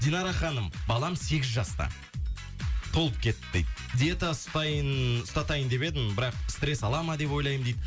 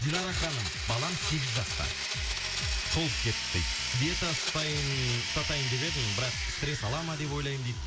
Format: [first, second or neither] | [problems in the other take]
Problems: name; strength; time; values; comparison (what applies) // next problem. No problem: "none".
first | background sound (Domestic sounds, home sounds); 1 dB below the speech